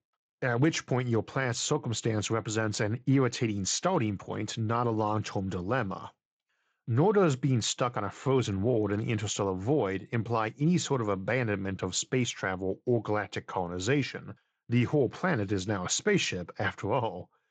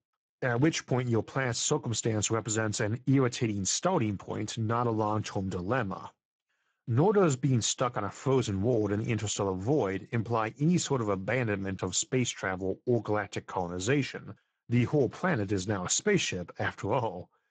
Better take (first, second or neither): first